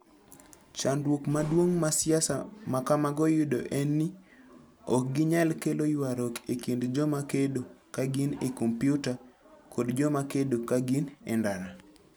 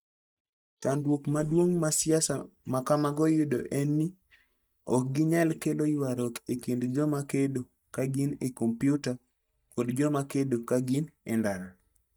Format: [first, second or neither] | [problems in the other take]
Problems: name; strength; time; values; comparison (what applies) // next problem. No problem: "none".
first | noise reduction (neural mask model DeepFilterNet 3)